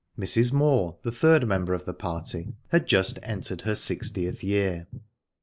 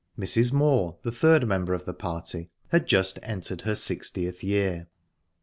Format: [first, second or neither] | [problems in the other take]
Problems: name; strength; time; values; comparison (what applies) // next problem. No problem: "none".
second | noise reduction (neural mask model Resemble Enhance denoiser)